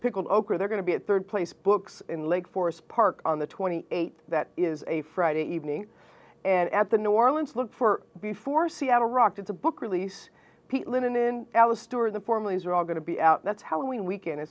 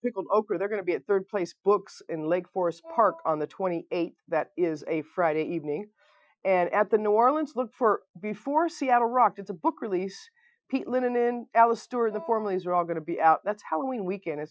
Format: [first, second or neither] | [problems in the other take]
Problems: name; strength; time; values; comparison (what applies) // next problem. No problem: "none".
first | noise reduction (classical method Wiener filter)